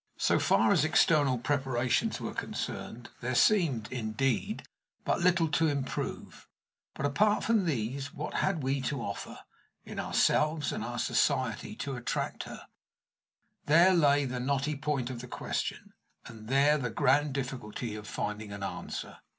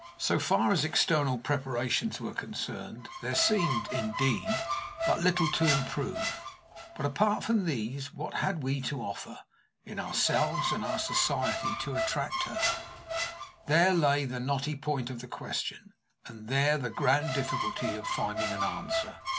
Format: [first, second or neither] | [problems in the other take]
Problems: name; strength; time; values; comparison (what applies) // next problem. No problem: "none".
first | background sound (Squeak); 6 dB below the speech